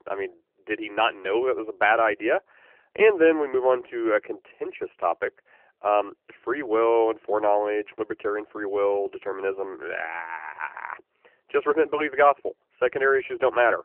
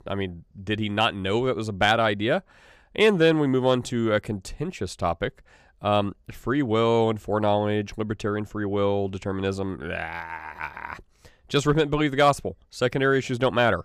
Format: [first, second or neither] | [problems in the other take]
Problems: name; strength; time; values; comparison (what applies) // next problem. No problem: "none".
second | phone-call audio; nothing above 3 kHz